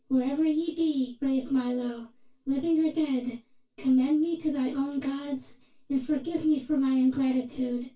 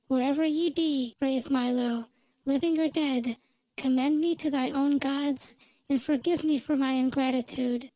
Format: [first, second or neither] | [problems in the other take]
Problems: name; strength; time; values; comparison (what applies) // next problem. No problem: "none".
second | room echo; dies away in 0.2 s